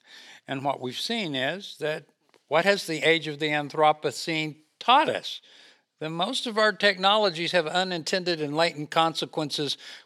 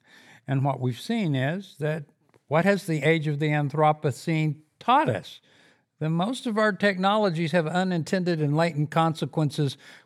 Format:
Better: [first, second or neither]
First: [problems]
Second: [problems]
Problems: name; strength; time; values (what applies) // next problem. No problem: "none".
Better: second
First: thin; somewhat; fading below 300 Hz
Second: none